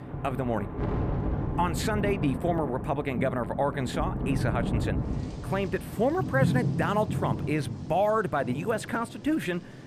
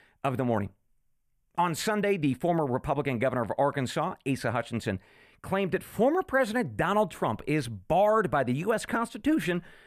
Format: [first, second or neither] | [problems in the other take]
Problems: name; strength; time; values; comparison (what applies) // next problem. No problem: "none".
second | rain or running water; loud; throughout; 3 dB below the speech